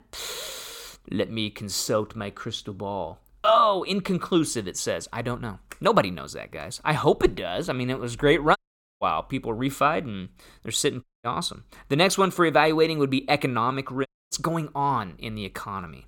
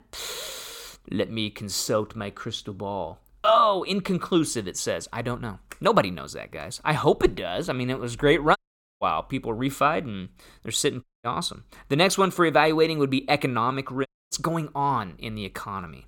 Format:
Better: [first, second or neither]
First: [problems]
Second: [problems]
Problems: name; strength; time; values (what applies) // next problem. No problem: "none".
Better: neither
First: audio cutting out; at 8.5 s, at 11 s and at 14 s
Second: audio cutting out; at 8.5 s, at 11 s and at 14 s